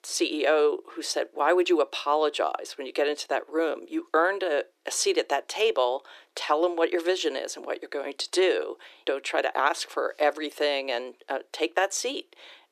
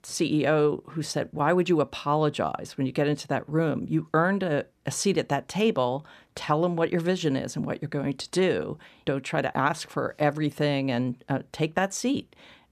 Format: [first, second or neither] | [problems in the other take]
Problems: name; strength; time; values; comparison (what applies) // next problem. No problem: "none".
second | thin; very; fading below 350 Hz